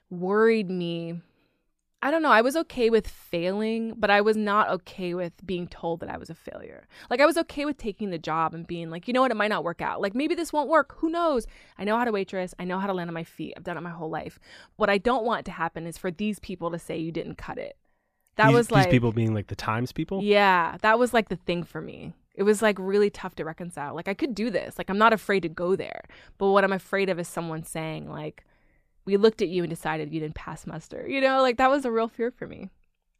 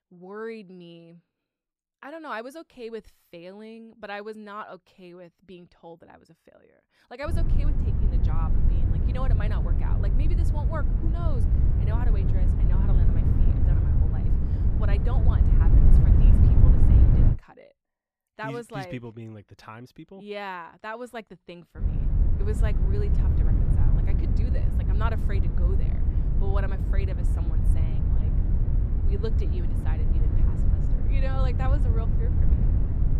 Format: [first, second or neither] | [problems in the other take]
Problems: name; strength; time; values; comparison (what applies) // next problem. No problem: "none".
first | wind noise on the microphone; heavy; from 7.5 to 17 s and from 22 s on; as loud as the speech